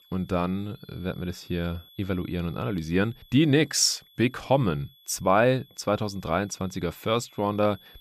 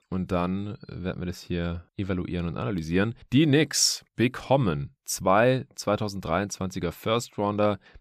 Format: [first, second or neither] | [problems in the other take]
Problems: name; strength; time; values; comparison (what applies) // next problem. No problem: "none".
second | high-pitched whine; faint; throughout; 3.5 kHz, 25 dB below the speech